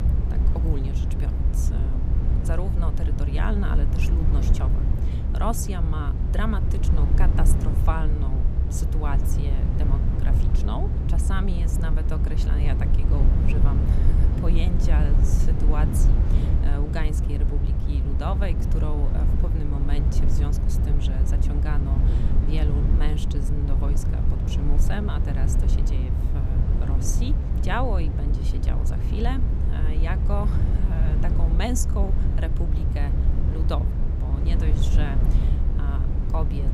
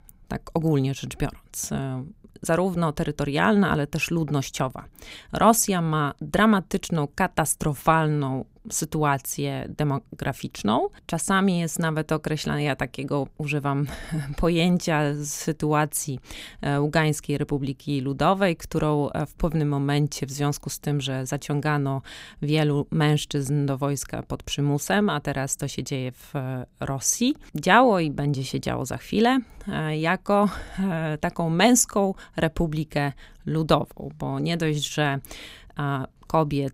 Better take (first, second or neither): second